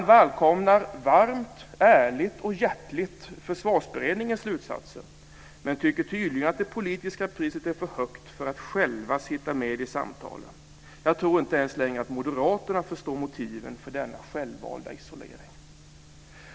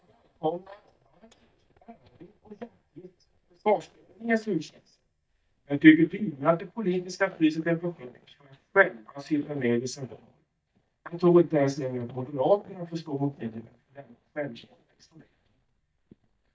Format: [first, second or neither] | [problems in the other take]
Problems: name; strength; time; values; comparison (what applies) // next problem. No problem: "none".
first | noise reduction (neural mask model DeepFilterNet 3)